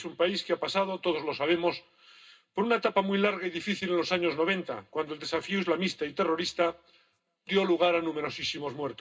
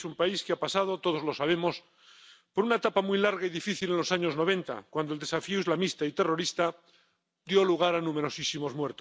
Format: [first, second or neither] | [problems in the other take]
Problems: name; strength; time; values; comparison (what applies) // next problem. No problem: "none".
second | room echo; dies away in 0.2 s